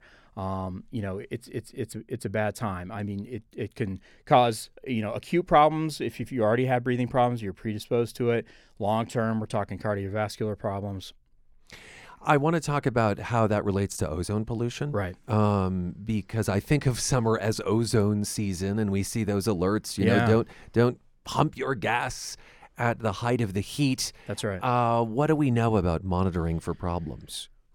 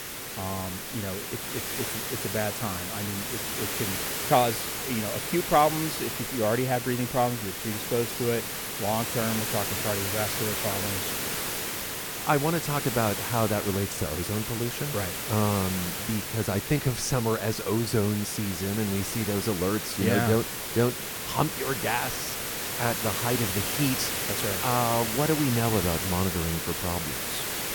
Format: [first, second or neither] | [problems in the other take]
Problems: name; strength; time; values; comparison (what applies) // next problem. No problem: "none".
first | hiss; loud; throughout; 1 dB below the speech